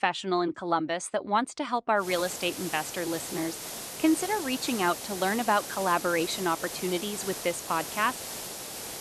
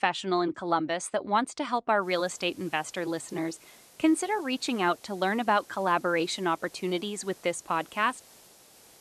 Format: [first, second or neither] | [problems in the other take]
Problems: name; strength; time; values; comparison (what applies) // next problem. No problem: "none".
second | hiss; loud; from 2 s on; 7 dB below the speech; faint in the second